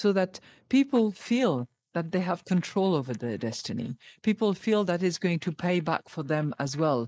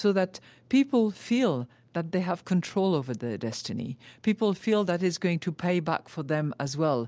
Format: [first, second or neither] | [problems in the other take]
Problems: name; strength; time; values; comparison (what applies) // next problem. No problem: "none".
second | noise reduction (neural mask model Resemble Enhance denoiser)